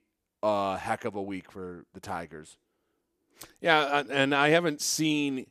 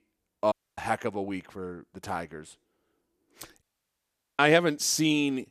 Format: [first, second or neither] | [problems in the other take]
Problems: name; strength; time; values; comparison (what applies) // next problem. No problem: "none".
first | audio cutting out; at 0.5 s and at 3.5 s for 1 s